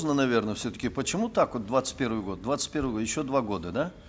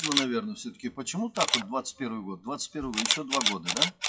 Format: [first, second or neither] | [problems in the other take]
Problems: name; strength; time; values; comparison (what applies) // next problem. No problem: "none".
first | noise reduction (classical method WPE with log-MMSE)